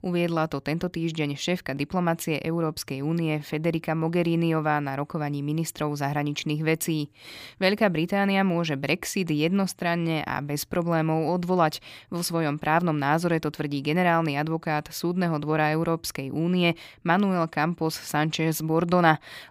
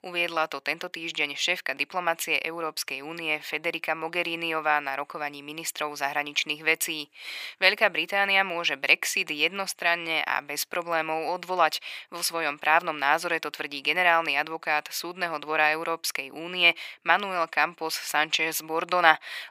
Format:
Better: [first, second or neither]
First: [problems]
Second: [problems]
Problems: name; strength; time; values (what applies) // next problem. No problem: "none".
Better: first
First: none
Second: thin; very; fading below 650 Hz